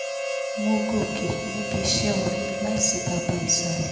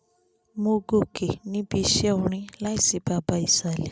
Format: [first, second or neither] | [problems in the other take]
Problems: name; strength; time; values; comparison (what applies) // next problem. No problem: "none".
second | background sound (Harmonica); 4 dB below the speech // room echo; dies away in 1.5 s